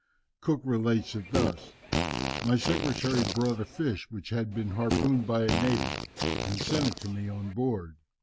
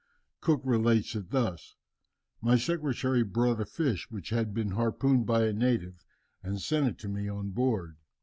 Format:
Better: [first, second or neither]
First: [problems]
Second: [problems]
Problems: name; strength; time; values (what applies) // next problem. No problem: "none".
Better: second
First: background sound (Fart); 2 dB below the speech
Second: none